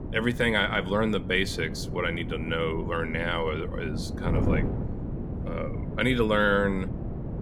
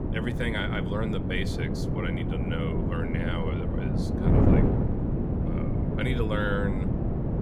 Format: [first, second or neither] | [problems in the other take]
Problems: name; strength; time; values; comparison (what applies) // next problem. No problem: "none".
first | wind noise on the microphone; heavy; as loud as the speech; occasional gusts in the first